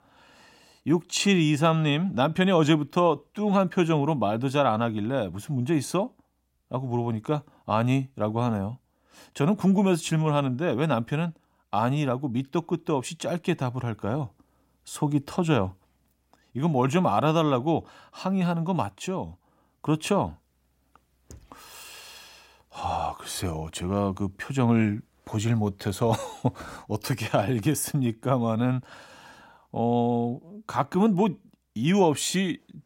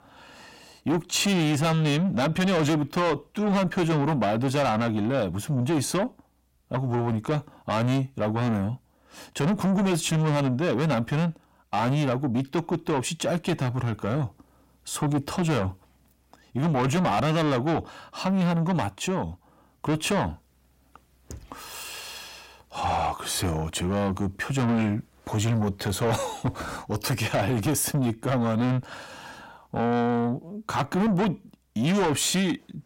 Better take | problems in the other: first | distortion; heavy; 7 dB below the speech

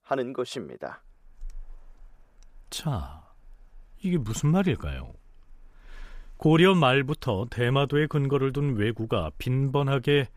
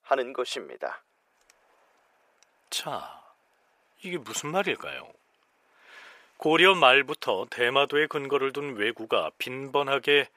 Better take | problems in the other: first | thin; very; fading below 550 Hz

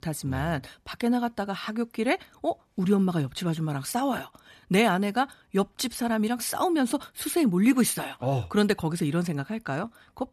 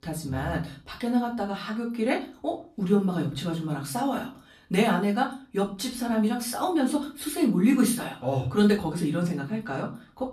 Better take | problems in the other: first | off-mic speech; far // room echo; very slight; dies away in 0.3 s

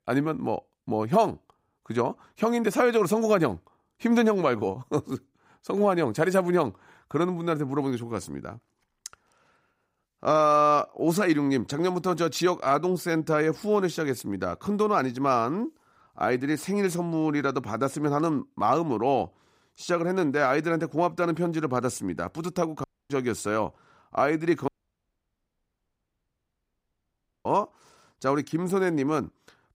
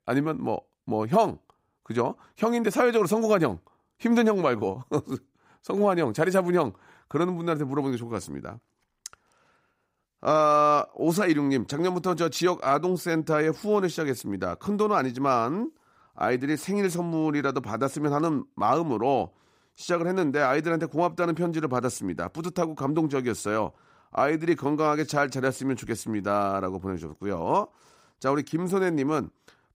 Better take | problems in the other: second | audio cutting out; at 23 s and at 25 s for 3 s

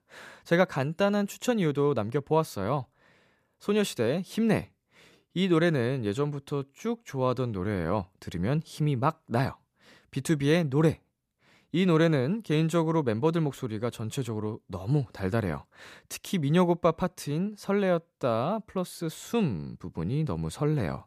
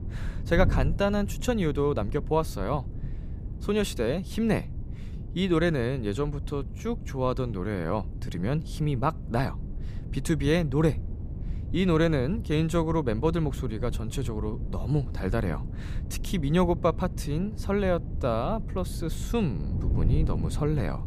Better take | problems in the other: first | wind noise on the microphone; occasional gusts; 15 dB below the speech

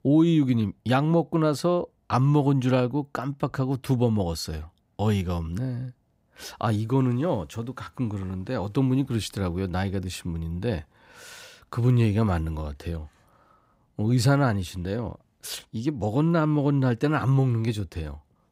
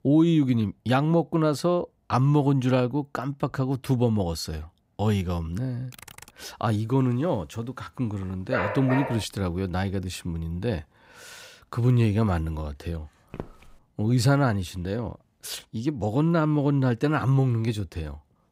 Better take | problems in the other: first | keyboard typing; faint; at 6 s; peak 20 dB below the speech // dog barking; noticeable; at 8.5 s; peak 3 dB below the speech // footsteps; faint; at 13 s; peak 15 dB below the speech

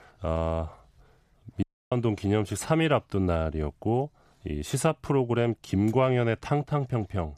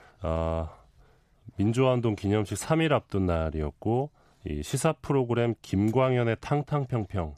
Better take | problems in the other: second | audio cutting out; at 1.5 s

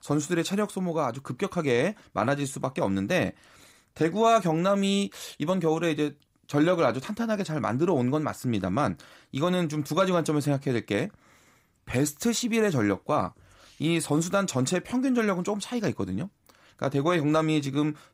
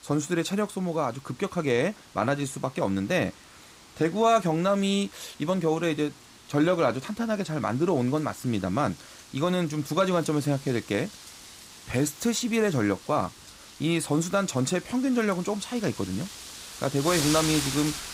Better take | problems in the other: first | wind noise on the microphone; occasional gusts; 10 dB below the speech

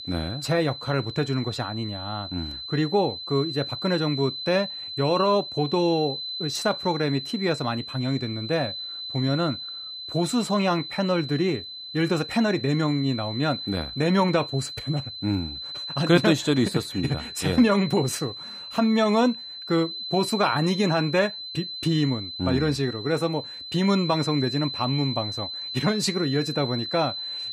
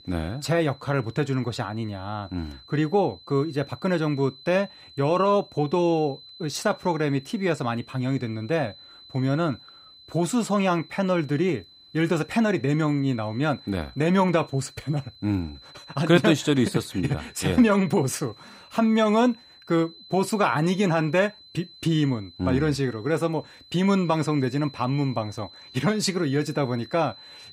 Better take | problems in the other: second | high-pitched whine; loud; throughout; 4 kHz, 7 dB below the speech; faint in the second

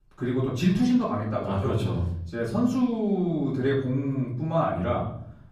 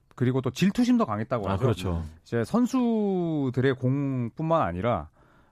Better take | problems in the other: second | off-mic speech; far // room echo; slight; dies away in 0.7 s

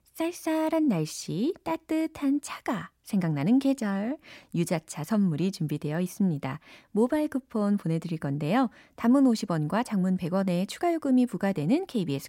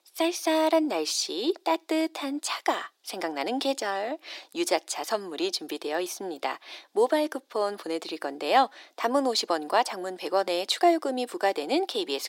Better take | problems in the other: first | thin; very; fading below 350 Hz

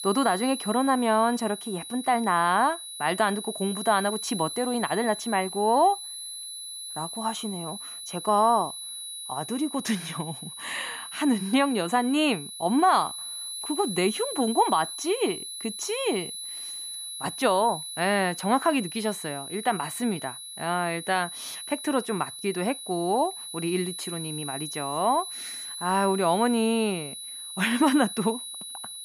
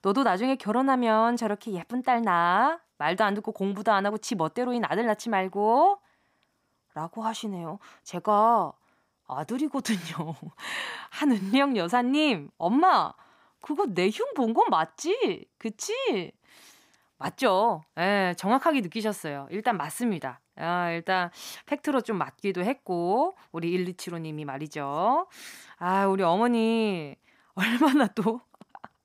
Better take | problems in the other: second | high-pitched whine; loud; throughout; 4 kHz, 8 dB below the speech

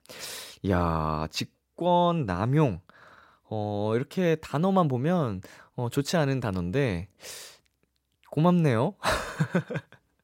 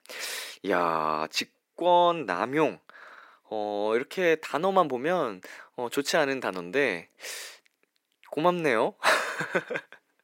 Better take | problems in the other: first | thin; somewhat; fading below 300 Hz

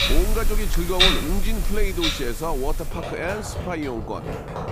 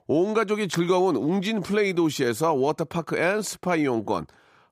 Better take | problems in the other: second | household noises; very loud; throughout; 3 dB above the speech

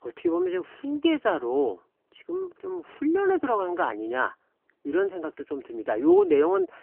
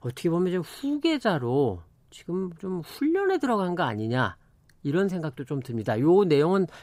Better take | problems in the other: second | phone-call audio; poor line; nothing above 3 kHz

